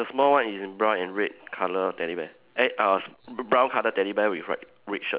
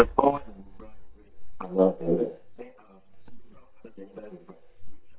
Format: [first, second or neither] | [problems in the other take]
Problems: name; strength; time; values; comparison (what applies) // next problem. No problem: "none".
first | noise reduction (neural mask model DeepFilterNet 3)